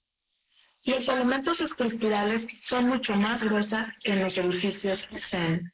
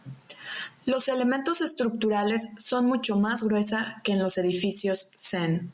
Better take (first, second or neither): second